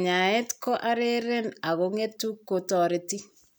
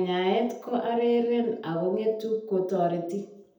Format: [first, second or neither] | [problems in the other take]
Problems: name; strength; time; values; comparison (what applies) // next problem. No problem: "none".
first | room echo; dies away in 0.7 s